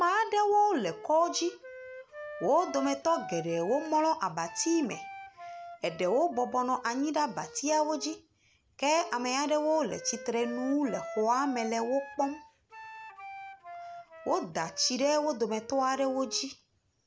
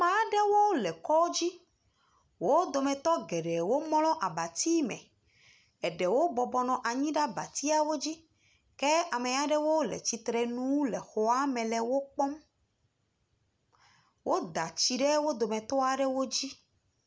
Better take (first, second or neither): second